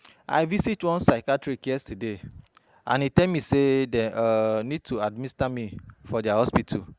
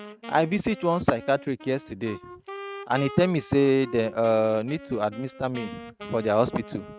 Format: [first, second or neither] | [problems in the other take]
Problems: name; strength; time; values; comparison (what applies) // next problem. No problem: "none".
first | noise reduction (neural mask model RNNoise)